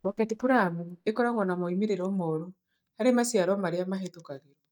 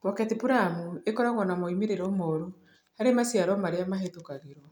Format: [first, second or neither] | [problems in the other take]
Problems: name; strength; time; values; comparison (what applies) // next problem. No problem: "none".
second | noise reduction (neural mask model DeepFilterNet 3)